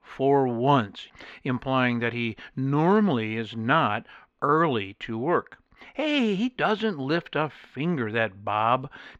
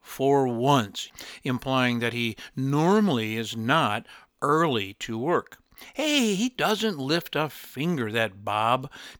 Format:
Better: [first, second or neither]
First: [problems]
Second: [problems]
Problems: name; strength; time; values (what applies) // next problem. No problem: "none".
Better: second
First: muffled; slightly; fading above 2 kHz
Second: none